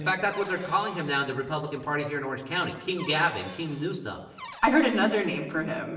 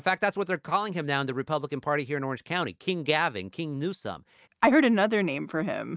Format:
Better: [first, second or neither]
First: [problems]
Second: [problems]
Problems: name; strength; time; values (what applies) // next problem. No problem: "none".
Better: second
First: background sound (Cupboard open or close / Door); 17 dB below the speech // room echo; dies away in 1 s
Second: none